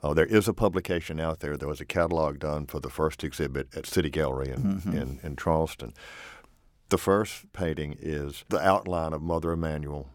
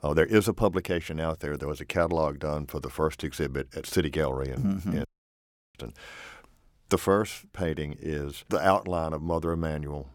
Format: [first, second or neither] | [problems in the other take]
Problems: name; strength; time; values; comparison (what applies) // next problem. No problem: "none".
first | audio cutting out; at 5 s for 0.5 s